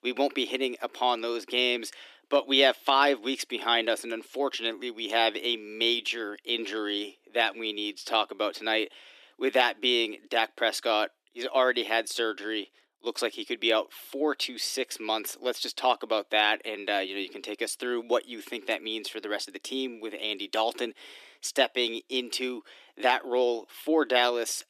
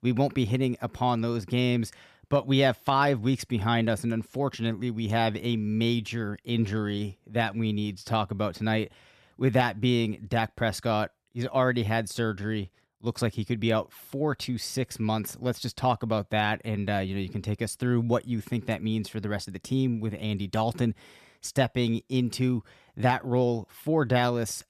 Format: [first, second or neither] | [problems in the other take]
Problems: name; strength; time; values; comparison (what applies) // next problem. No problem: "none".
second | thin; somewhat; fading below 300 Hz